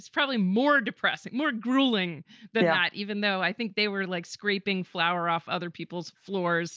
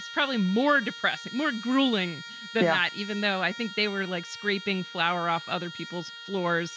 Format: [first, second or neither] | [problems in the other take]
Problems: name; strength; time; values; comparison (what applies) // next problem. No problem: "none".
first | background sound (Trumpet); 14 dB below the speech